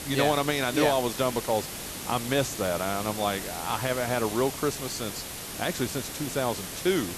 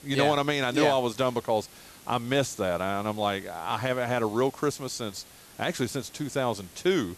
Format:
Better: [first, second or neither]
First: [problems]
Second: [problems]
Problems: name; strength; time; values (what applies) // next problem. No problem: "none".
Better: second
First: hiss; loud; throughout; 7 dB below the speech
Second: hiss; faint; throughout; 20 dB below the speech